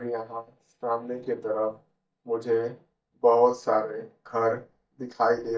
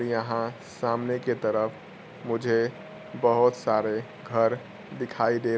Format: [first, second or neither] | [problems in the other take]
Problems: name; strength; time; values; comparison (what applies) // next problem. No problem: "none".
second | noise reduction (neural mask model DeepFilterNet 3)